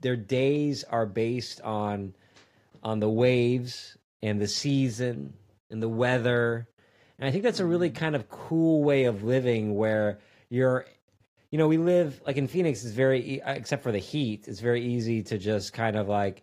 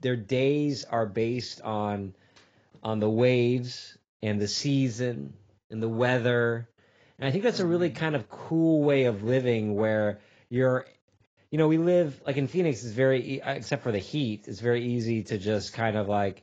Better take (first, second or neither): first